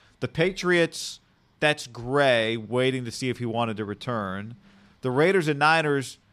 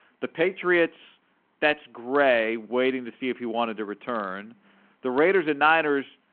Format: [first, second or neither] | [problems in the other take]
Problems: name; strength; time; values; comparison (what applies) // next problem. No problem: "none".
first | phone-call audio